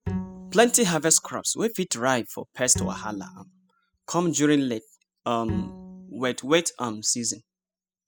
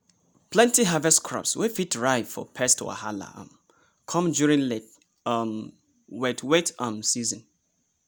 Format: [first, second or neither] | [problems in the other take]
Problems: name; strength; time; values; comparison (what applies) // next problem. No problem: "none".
second | noise reduction (classical method spectral subtraction)